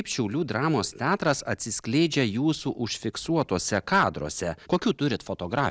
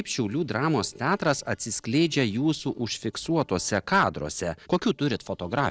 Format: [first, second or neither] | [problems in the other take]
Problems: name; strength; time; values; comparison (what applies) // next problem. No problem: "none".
first | noise reduction (neural separator model SepFormer DNS4)